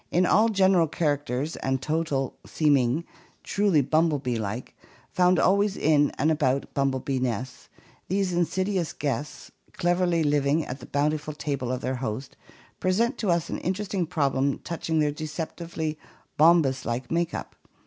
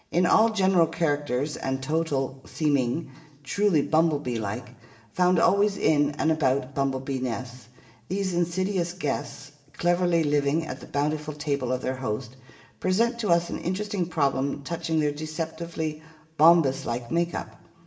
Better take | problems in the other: first | room echo; dies away in 0.8 s

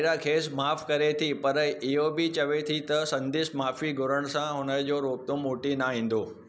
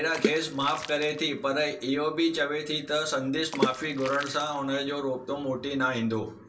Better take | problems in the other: first | background sound (Water / Splash, splatter); 8 dB below the speech // room echo; dies away in 0.2 s

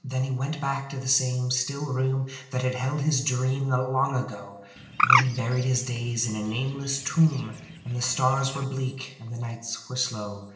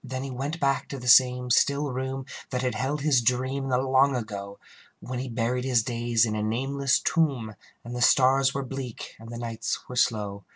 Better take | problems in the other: second | background sound (Bird); 3 dB below the speech // room echo; dies away in 0.8 s

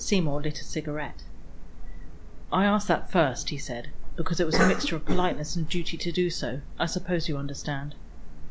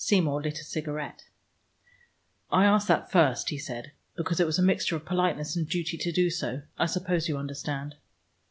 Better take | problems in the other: second | background sound (Cough); 1 dB above the speech

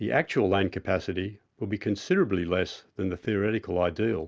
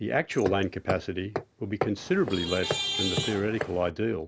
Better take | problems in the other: first | background sound (Traffic noise, roadway noise / Vehicle horn, car horn, honking + Hammer); 4 dB below the speech

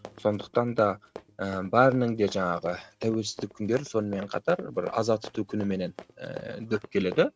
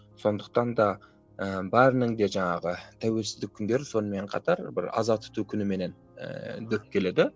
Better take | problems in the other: second | noise reduction (neural mask model RNNoise)

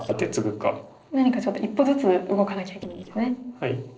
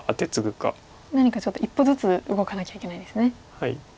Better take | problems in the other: second | noise reduction (neural separator model SepFormer DNS4)

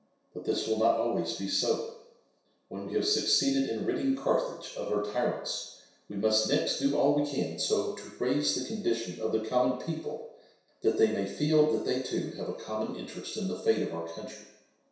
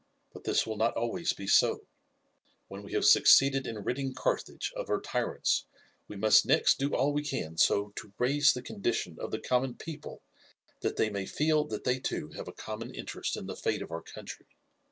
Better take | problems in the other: second | room echo; dies away in 0.7 s

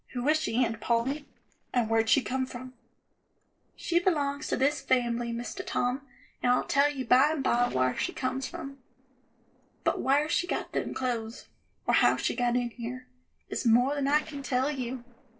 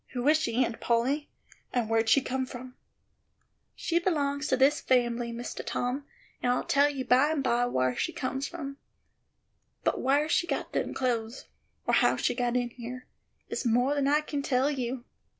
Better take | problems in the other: second | noise reduction (neural separator model SepFormer DNS4)

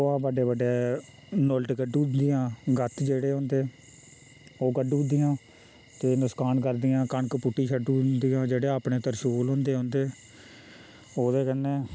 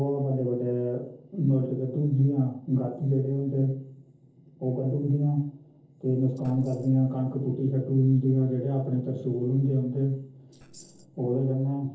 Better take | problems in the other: first | noise reduction (neural separator model SepFormer DNS4)

